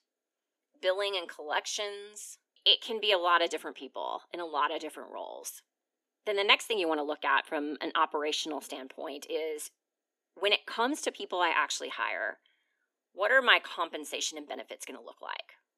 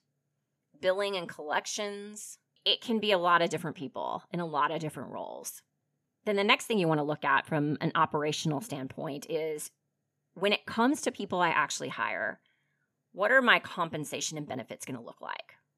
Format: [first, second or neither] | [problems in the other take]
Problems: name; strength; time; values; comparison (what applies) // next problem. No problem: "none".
second | thin; somewhat; fading below 300 Hz